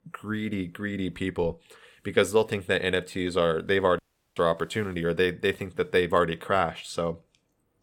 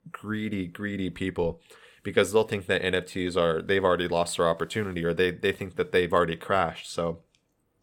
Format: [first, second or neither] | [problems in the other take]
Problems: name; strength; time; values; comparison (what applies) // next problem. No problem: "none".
second | audio cutting out; at 4 s